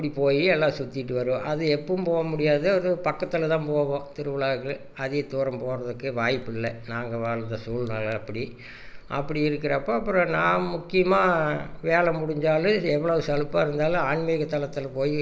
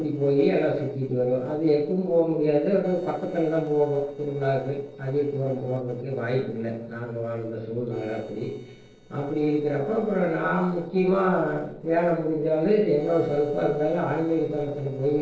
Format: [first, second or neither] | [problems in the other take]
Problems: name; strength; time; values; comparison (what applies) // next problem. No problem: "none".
first | noise reduction (neural separator model SepFormer DNS4)